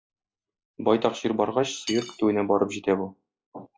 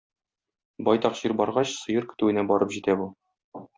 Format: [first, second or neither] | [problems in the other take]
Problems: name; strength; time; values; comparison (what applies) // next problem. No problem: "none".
second | noise reduction (classical method log-MMSE)